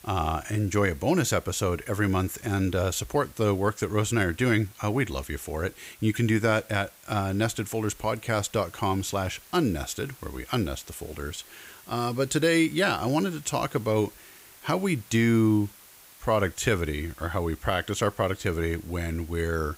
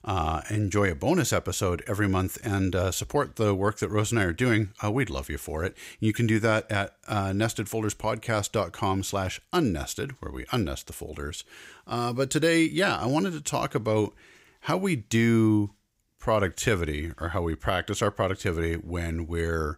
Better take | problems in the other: second | hiss; faint; throughout; 20 dB below the speech

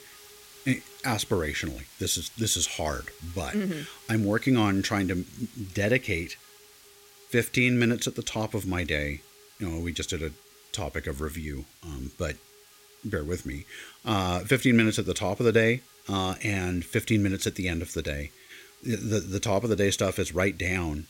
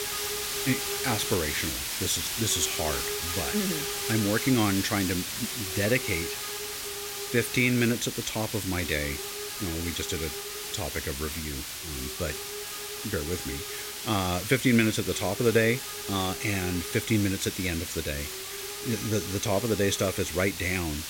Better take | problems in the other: first | hiss; loud; throughout; 3 dB below the speech; faint in the first

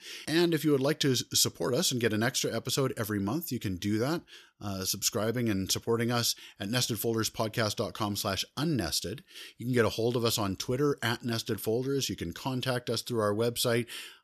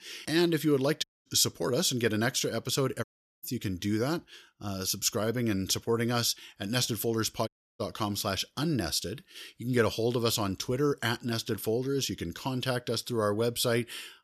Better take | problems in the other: first | audio cutting out; at 1 s, at 3 s and at 7.5 s

